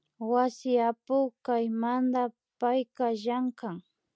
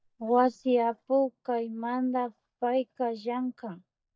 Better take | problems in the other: first | noise reduction (neural mask model DeepFilterNet 3)

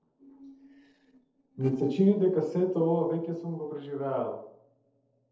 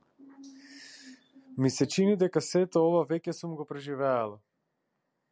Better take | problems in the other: second | noise reduction (neural separator model SepFormer DNS4)

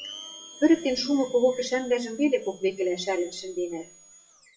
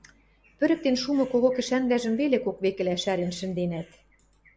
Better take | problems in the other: second | noise reduction (classical method WPE with log-MMSE)

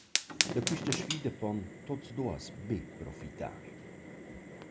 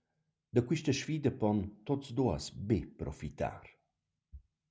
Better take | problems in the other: second | background sound (Fire); as loud as the speech

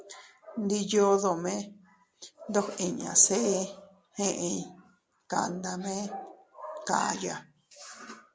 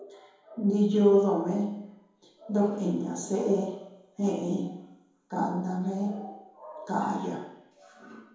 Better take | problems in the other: first | room echo; dies away in 2 s

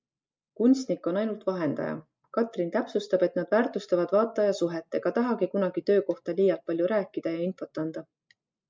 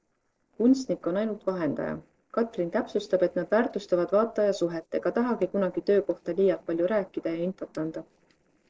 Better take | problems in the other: first | noise reduction (neural separator model SepFormer DNS4)

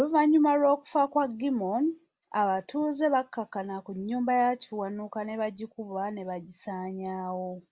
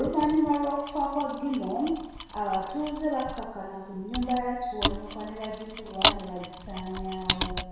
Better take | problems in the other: first | background sound (Mechanisms); 4 dB below the speech // room echo; dies away in 1.1 s

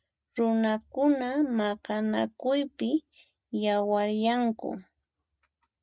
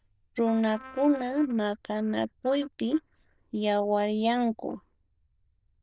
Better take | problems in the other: first | noise reduction (neural diffusion model UNIVERSE++)

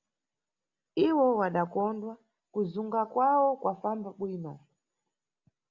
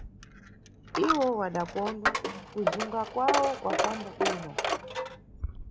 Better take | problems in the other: first | background sound (Coin (dropping)); as loud as the speech

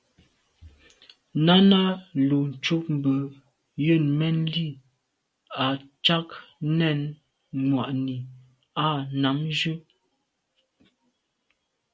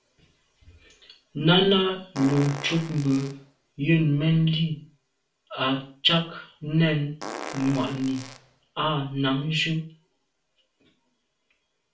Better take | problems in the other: first | background sound (Fart); 13 dB below the speech // room echo; dies away in 0.4 s

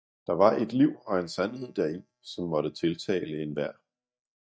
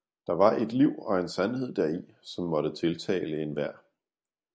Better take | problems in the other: second | noise reduction (neural mask model DeepFilterNet 3)

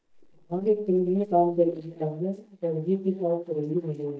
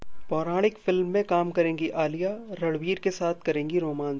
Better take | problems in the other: second | noise reduction (neural mask model DeepFilterNet 3)

